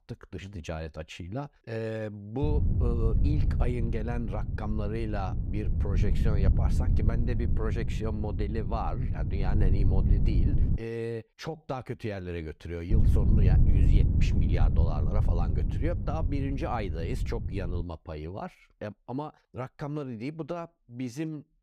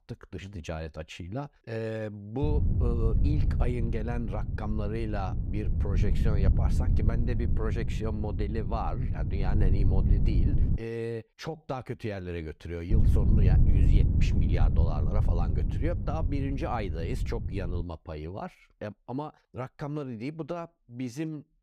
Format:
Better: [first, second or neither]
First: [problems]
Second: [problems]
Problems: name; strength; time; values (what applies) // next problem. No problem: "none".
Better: neither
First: wind noise on the microphone; heavy; from 2.5 to 11 s and from 13 to 18 s; 5 dB below the speech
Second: wind noise on the microphone; heavy; from 2.5 to 11 s and from 13 to 18 s; 5 dB below the speech